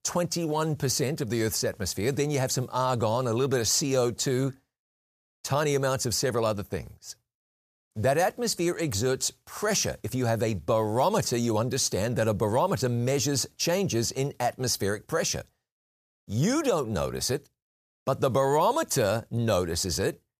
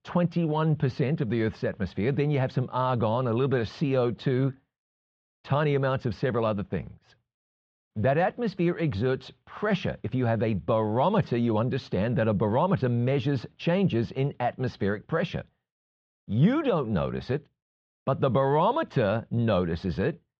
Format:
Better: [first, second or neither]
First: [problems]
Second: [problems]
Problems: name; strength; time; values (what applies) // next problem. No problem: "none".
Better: first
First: none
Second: muffled; very; fading above 3.5 kHz